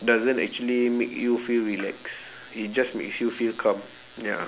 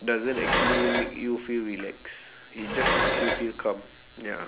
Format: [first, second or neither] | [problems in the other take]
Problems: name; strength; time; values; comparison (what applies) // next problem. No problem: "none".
first | background sound (Dishes, pots, and pans); 2 dB above the speech